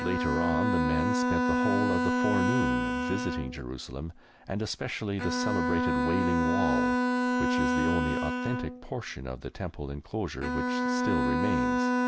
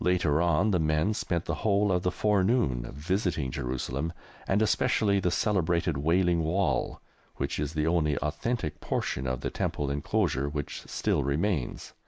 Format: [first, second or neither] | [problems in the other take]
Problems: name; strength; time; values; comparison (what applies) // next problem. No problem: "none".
second | background sound (Bowed string instrument); 5 dB above the speech